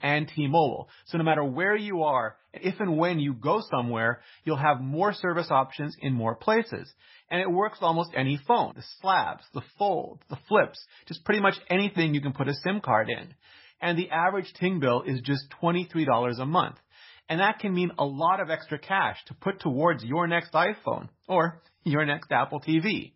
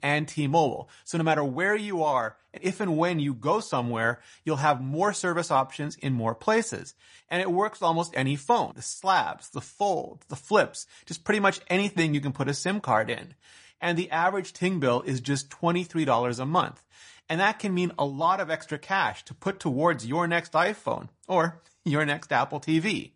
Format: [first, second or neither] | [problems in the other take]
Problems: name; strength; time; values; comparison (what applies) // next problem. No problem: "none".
second | garbled, watery; badly; nothing above 5.5 kHz; slightly in the second